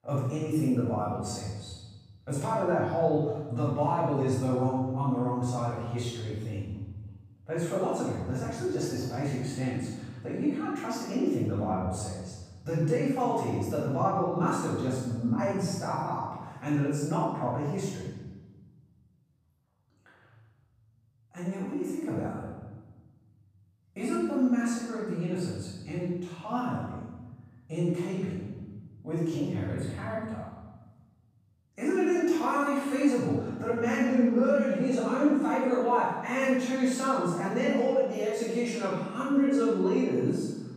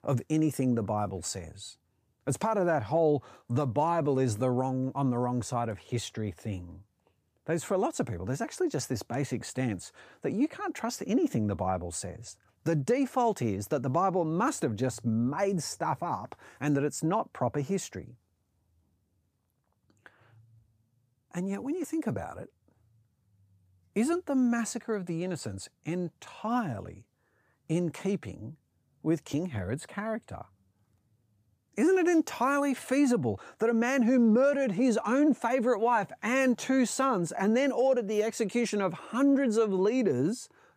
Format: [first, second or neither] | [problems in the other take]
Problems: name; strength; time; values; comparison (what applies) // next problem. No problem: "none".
second | room echo; strong; dies away in 1.2 s // off-mic speech; far